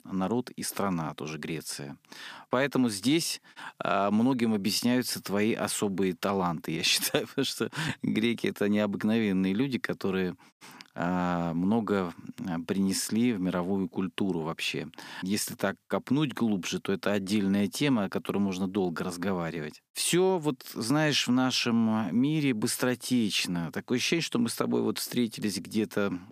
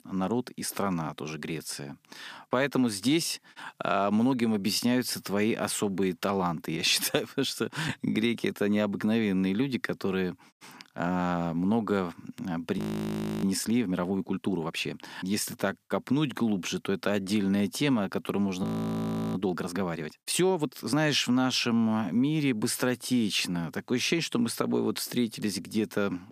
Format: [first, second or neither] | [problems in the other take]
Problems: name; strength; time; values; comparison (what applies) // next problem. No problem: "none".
first | audio freezing; at 13 s for 0.5 s and at 19 s for 0.5 s